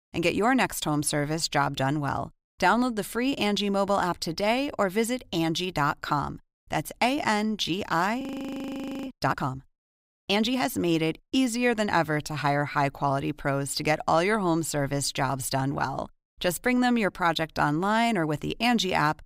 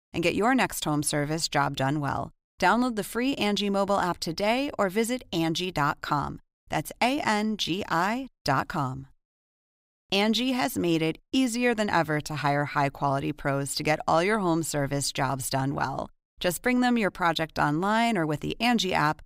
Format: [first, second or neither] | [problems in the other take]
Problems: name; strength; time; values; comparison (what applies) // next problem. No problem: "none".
second | audio freezing; at 8 s for 1 s